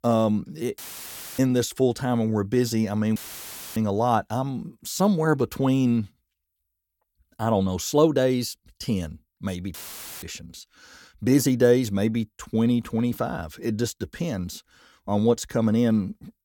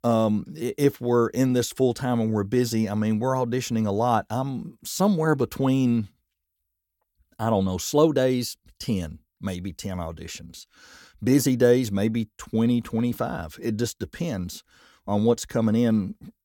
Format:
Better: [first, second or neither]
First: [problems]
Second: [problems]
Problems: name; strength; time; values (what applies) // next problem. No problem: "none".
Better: second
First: audio cutting out; filled with static; at 1 s for 0.5 s, at 3 s for 0.5 s and at 9.5 s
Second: none